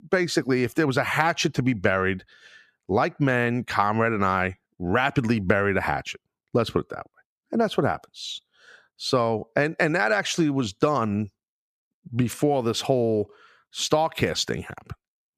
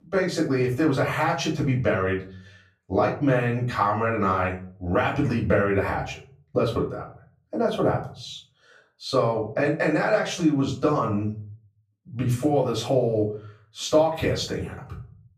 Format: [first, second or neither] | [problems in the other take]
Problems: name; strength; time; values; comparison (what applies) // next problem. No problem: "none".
first | off-mic speech; far // room echo; slight; dies away in 0.4 s